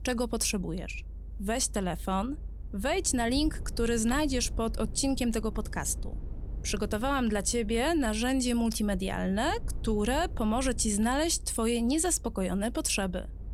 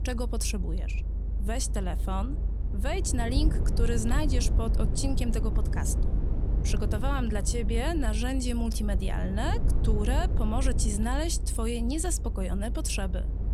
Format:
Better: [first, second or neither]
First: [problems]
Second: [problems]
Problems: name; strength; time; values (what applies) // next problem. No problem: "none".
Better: first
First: low rumble; faint; throughout; 25 dB below the speech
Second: low rumble; loud; throughout; 10 dB below the speech